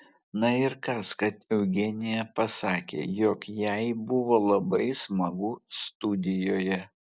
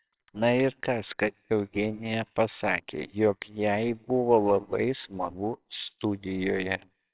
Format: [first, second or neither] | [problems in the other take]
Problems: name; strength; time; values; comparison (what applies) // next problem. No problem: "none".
first | noise reduction (neural separator model SepFormer WHAMR!)